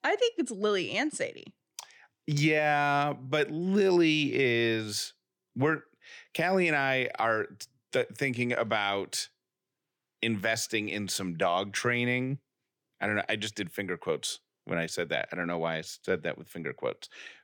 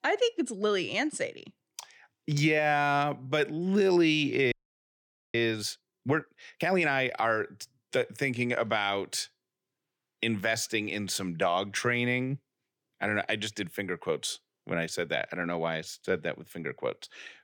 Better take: first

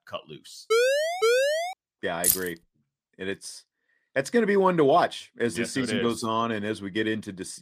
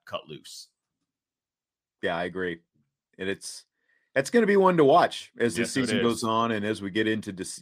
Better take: second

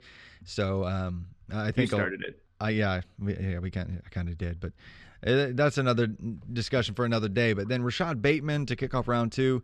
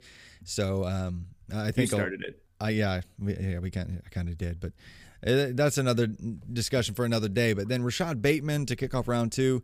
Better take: second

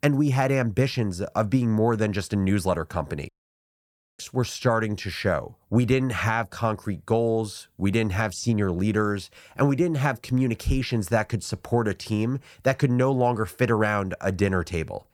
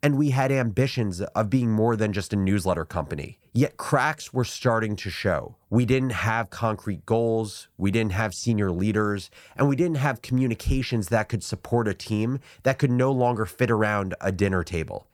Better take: second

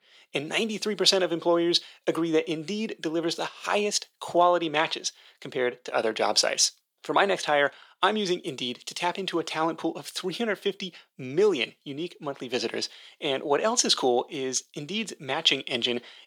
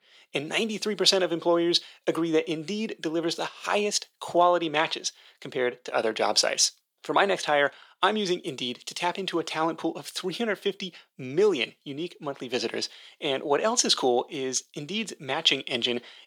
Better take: neither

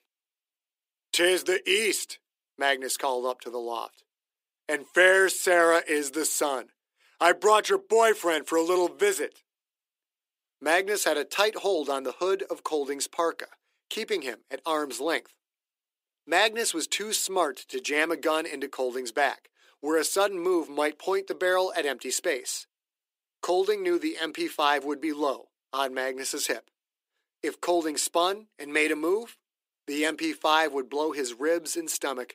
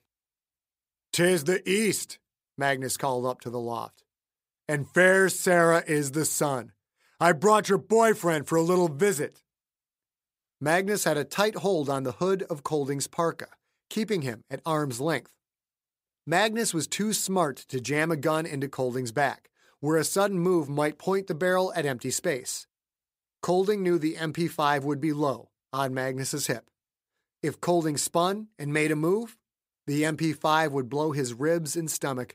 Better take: second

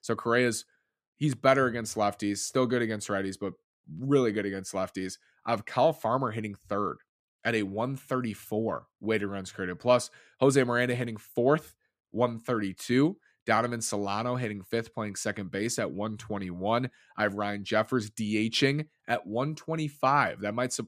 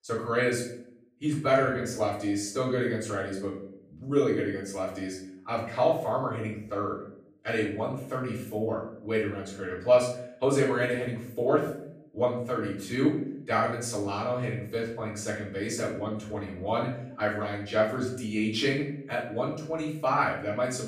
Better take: first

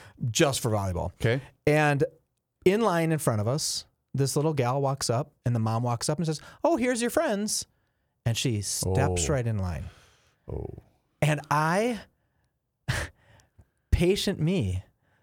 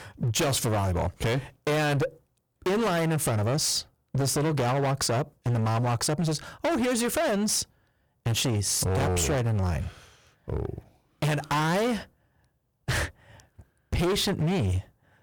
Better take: first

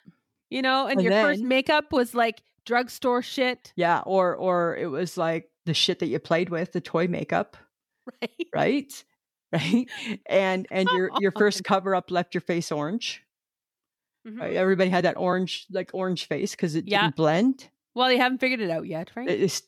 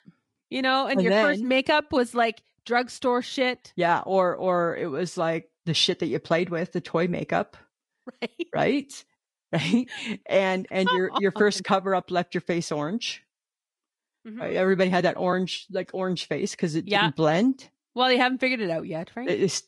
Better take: first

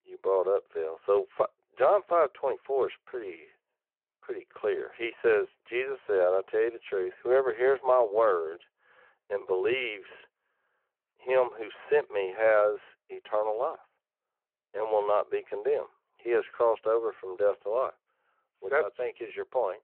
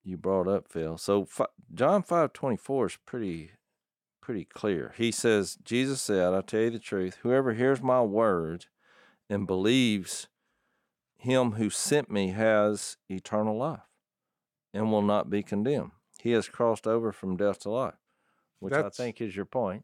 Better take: second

